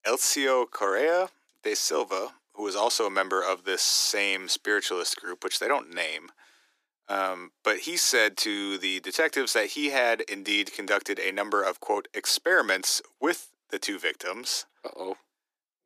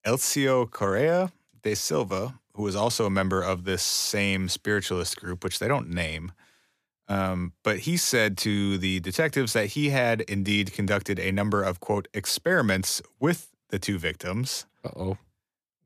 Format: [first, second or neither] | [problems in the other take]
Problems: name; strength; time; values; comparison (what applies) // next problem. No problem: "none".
second | thin; somewhat; fading below 300 Hz